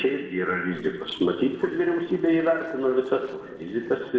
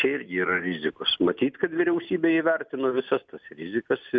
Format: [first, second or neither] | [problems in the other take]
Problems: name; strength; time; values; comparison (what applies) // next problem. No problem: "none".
second | noise reduction (neural separator model SepFormer DNS4)